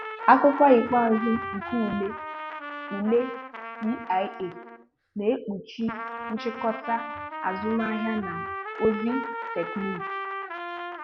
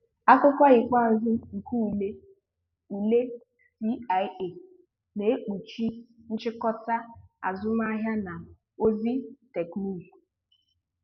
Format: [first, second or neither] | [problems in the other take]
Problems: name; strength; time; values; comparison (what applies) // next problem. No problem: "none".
second | background sound (Trumpet); 9 dB below the speech